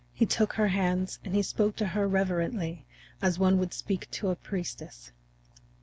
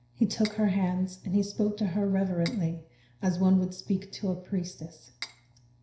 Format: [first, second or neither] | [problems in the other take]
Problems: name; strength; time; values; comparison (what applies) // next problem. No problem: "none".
first | background sound (Cutlery, silverware); 16 dB below the speech // room echo; dies away in 0.5 s